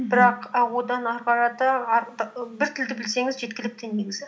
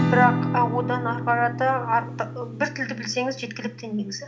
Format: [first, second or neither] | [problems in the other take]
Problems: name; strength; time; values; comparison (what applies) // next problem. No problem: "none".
first | background sound (Acoustic guitar / Strum); 4 dB below the speech